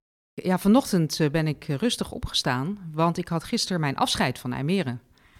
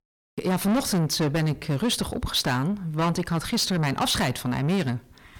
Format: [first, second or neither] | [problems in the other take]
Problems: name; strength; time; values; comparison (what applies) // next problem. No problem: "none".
first | distortion; heavy; 6 dB below the speech